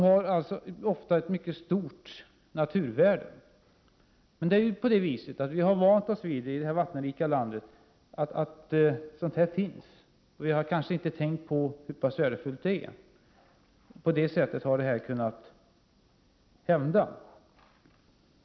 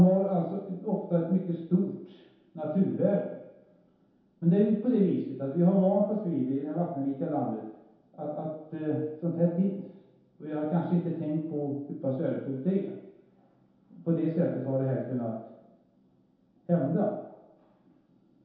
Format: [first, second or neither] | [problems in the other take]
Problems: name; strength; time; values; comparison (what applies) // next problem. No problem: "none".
first | room echo; dies away in 0.8 s